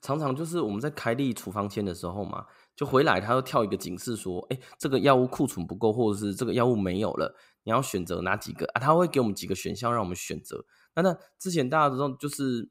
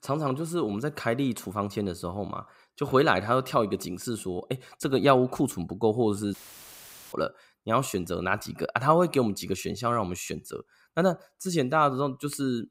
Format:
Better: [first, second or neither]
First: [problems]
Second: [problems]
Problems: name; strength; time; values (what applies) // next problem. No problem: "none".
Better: first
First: none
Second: audio cutting out; filled with static; at 6.5 s for 1 s